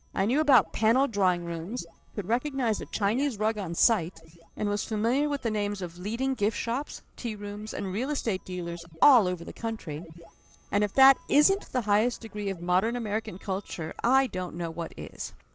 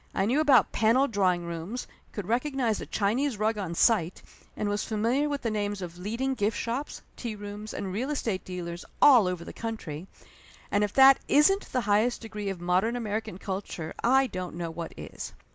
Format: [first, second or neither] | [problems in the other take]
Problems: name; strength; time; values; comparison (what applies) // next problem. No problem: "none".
second | noise reduction (neural separator model SepFormer DNS4)